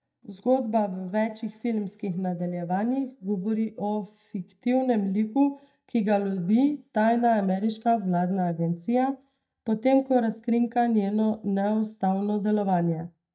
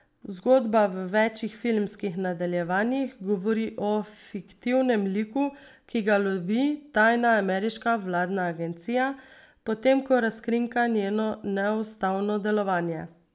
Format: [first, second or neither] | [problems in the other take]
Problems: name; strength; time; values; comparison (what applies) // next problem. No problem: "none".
second | noise reduction (neural mask model DeepFilterNet 3)